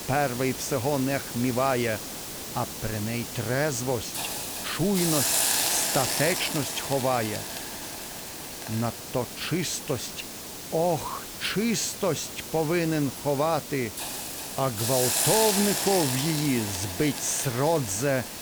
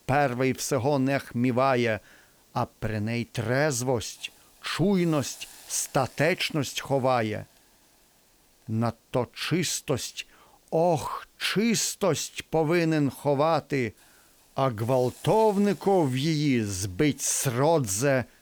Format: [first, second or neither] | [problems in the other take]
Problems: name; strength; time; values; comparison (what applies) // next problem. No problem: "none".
second | hiss; loud; throughout; 2 dB below the speech; faint in the second